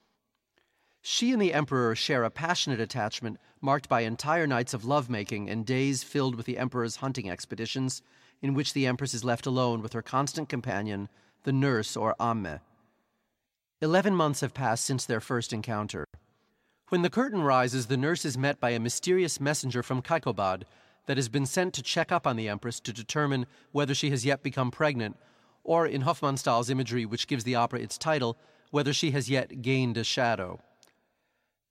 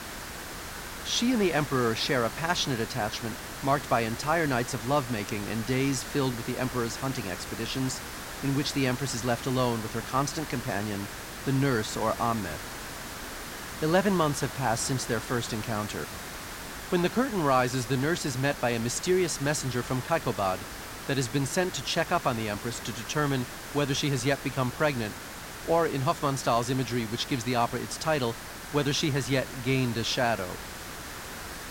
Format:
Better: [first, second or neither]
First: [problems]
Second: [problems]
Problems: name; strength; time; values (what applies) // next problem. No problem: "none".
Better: first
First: none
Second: hiss; loud; throughout; 9 dB below the speech